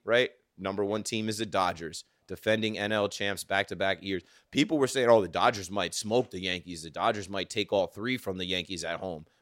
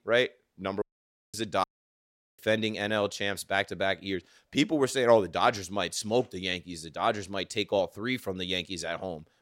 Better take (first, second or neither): first